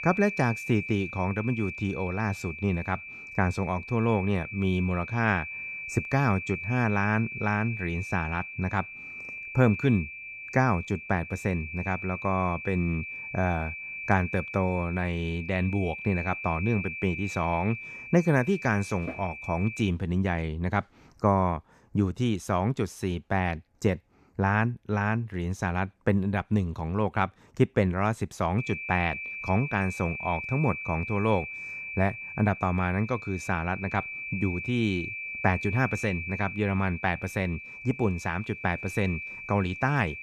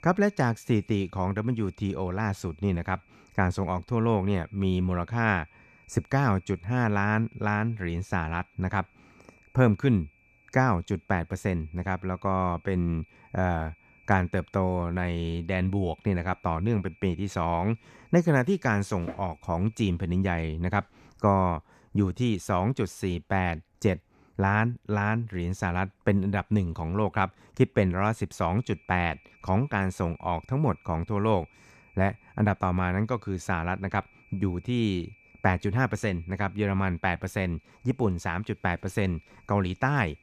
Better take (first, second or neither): second